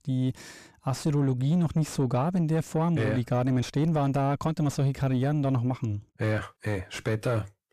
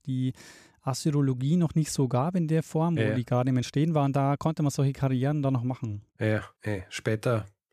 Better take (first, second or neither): second